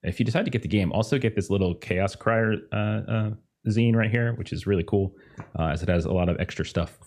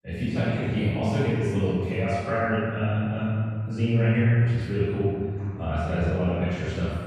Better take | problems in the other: first | off-mic speech; far // room echo; strong; dies away in 2 s

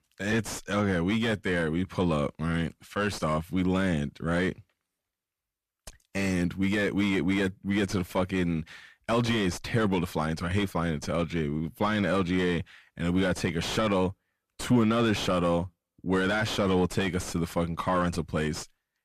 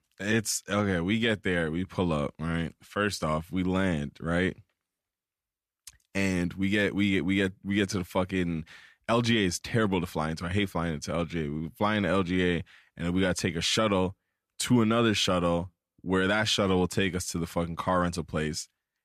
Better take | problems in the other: second | distortion; slight; 9 dB below the speech

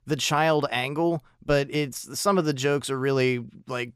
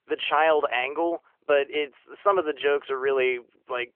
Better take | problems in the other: first | phone-call audio; nothing above 3 kHz

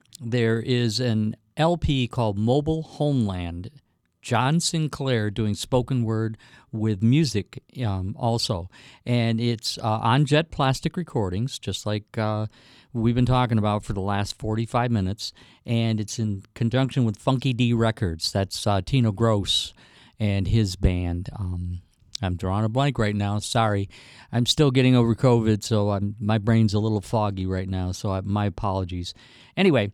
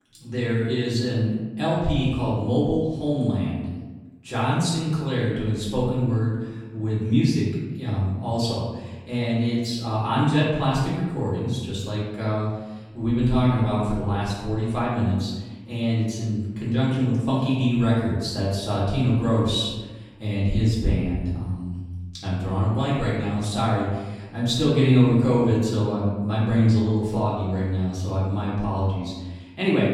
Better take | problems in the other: first | room echo; noticeable; dies away in 1.2 s // off-mic speech; far

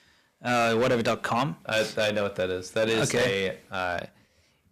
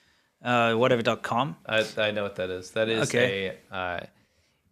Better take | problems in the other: second | distortion; heavy; 9% of the sound clipped

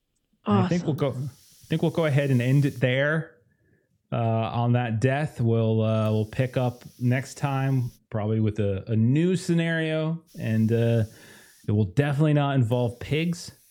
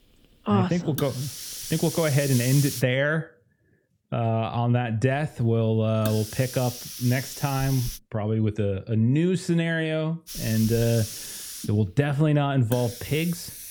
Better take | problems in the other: first | hiss; loud; until 3 s, from 5 to 8 s and from 10 s on; 9 dB below the speech; faint in the first

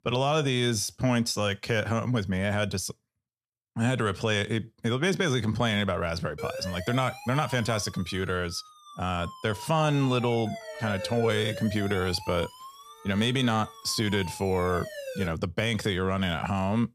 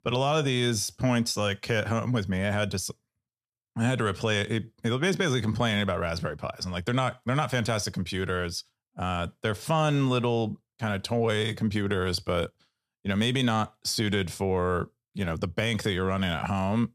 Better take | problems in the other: second | siren; noticeable; from 6.5 to 15 s; peak 8 dB below the speech

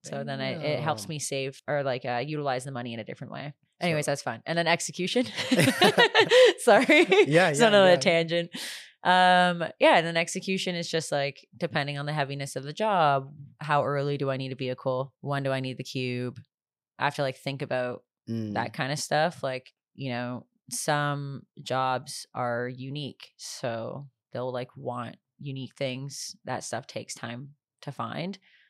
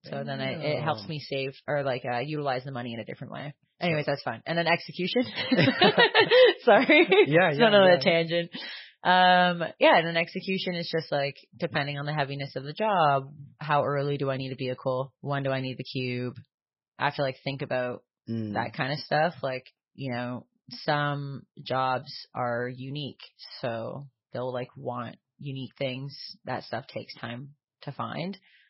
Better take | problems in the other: first | garbled, watery; badly; nothing above 5.5 kHz

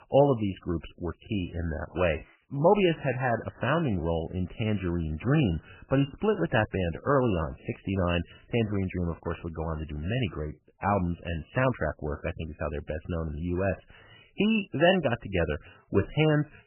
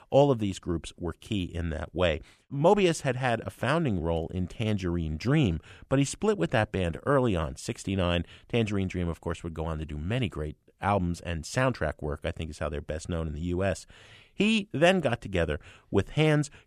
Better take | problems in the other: second | garbled, watery; badly; nothing above 3 kHz

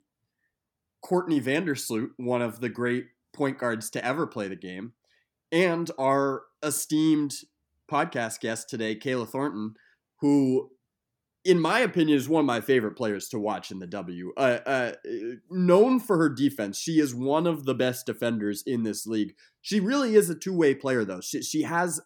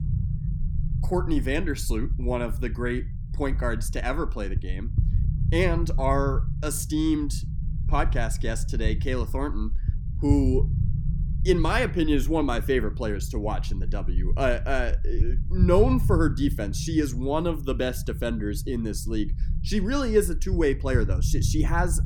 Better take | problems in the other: first | low rumble; noticeable; throughout; 15 dB below the speech

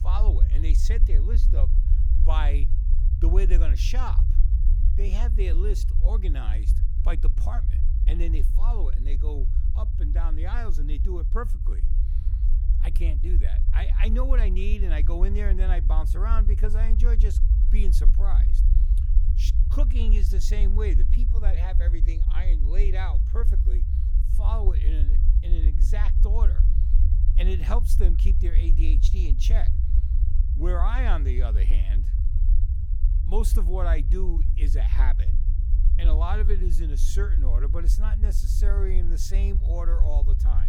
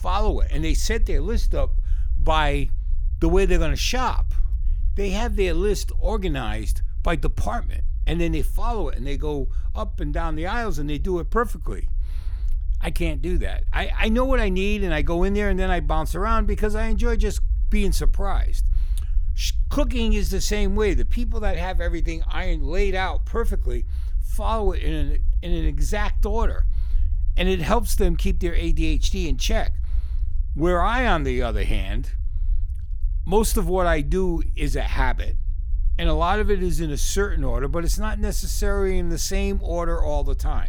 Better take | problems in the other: second | low rumble; loud; throughout; 8 dB below the speech; faint in the second

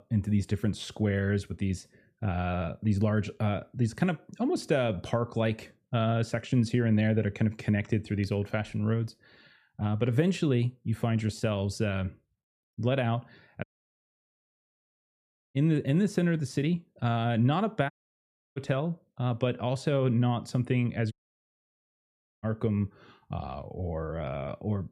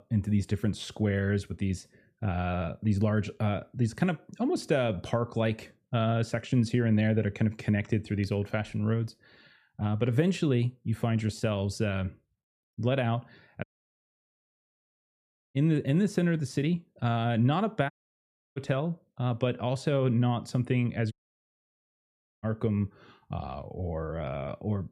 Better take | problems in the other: neither | audio cutting out; at 14 s for 2 s, at 18 s for 0.5 s and at 21 s for 1.5 s; the same in both

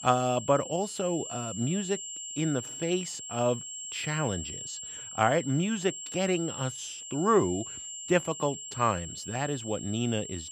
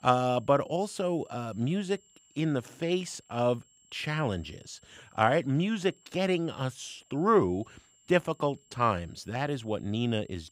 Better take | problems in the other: second | high-pitched whine; loud; throughout; 7.5 kHz, 8 dB below the speech; faint in the second

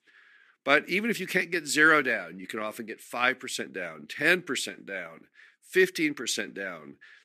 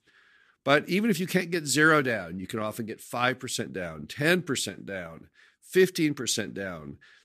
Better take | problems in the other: second | thin; very slightly; fading below 250 Hz

